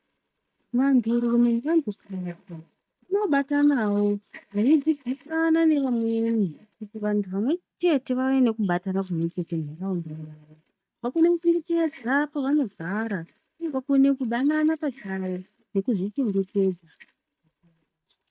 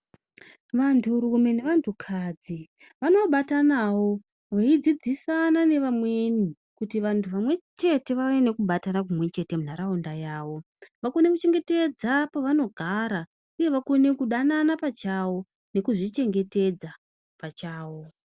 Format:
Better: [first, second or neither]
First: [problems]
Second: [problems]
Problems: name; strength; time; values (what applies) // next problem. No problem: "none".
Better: second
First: noise reduction (neural mask model DeepFilterNet 3)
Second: none